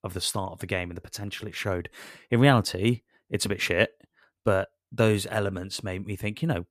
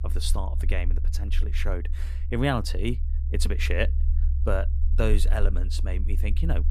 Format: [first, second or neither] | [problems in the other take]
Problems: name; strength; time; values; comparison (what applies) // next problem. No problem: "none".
first | low rumble; noticeable; throughout; 15 dB below the speech